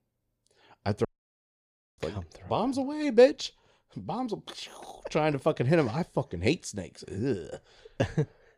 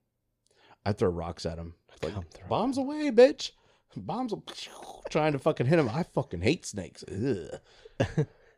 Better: second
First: audio cutting out; at 1 s for 1 s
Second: none

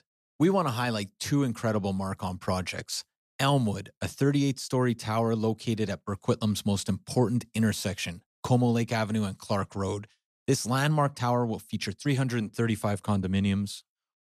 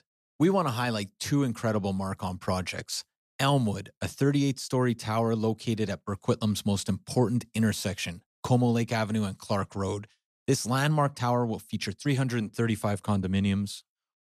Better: neither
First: none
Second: none

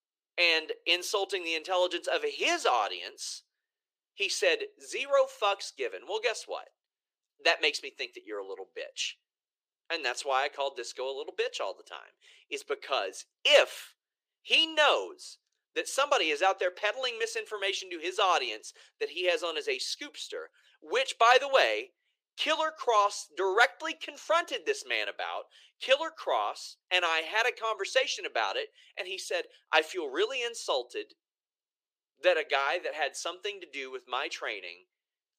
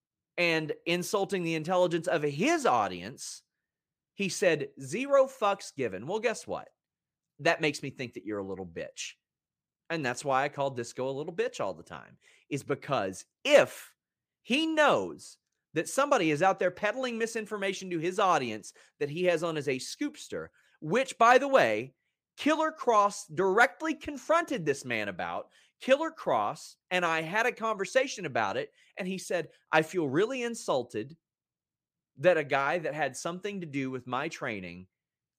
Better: second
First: thin; very; fading below 400 Hz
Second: none

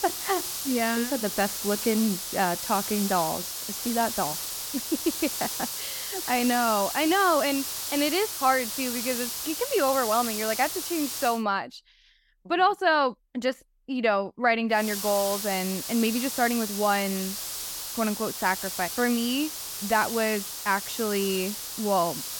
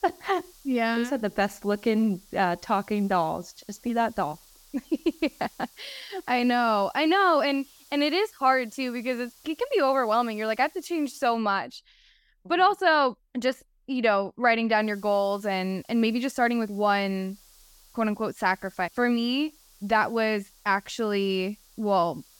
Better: second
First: hiss; loud; until 11 s and from 15 s on; 4 dB below the speech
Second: hiss; faint; until 11 s and from 15 s on; 25 dB below the speech

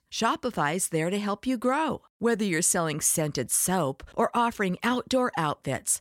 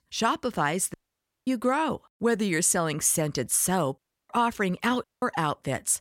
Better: first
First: none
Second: audio cutting out; at 1 s for 0.5 s, at 4 s and at 5 s

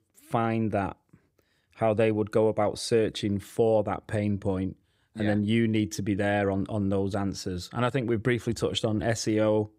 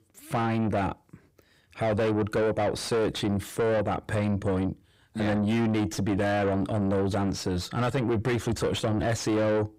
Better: first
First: none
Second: distortion; heavy; 7 dB below the speech

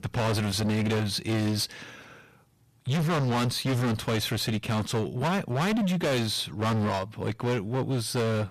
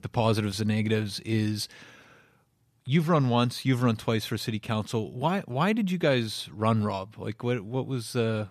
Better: second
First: distortion; heavy; 28% of the sound clipped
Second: none

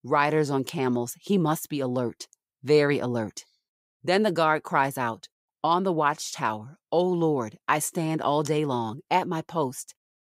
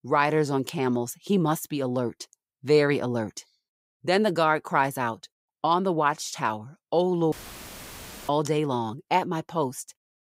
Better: first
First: none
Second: audio cutting out; filled with static; at 7.5 s for 1 s

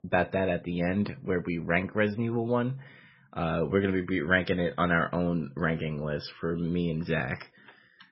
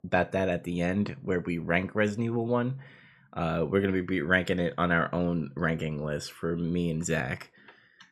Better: second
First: garbled, watery; badly; nothing above 5.5 kHz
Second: none

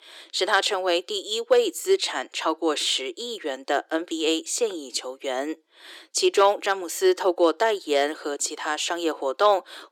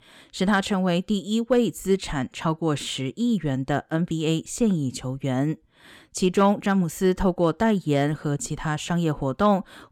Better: second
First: thin; very; fading below 350 Hz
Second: none

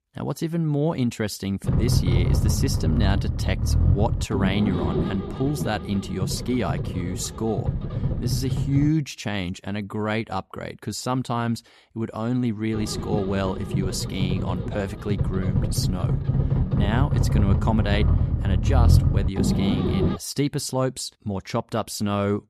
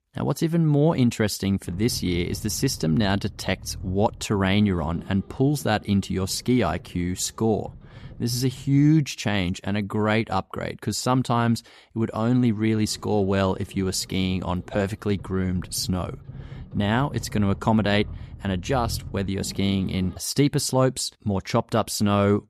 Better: second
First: low rumble; loud; from 1.5 to 9 s and from 13 to 20 s; 4 dB below the speech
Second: low rumble; faint; from 1.5 to 9 s and from 13 to 20 s; 25 dB below the speech

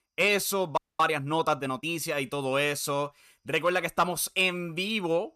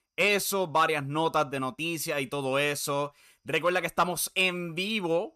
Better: second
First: audio freezing; at 1 s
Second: none

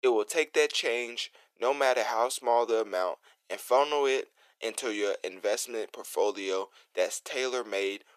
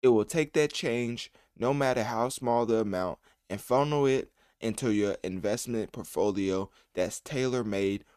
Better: second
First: thin; very; fading below 400 Hz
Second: none

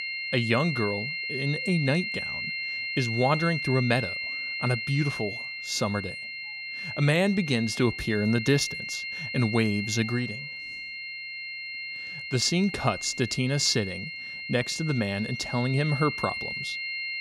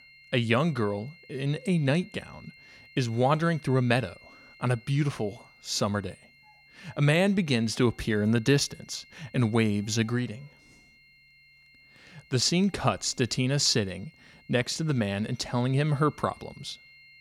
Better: second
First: high-pitched whine; loud; throughout; 2 kHz, 5 dB below the speech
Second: high-pitched whine; faint; throughout; 2 kHz, 25 dB below the speech

